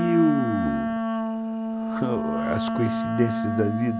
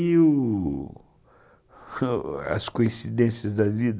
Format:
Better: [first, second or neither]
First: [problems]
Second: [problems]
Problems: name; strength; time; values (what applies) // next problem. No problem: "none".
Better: second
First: background sound (Wind instrument, woodwind instrument); as loud as the speech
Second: none